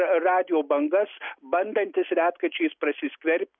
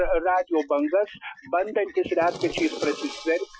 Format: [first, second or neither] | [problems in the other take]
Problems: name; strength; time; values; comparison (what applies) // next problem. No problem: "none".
first | noise reduction (classical method Wiener filter)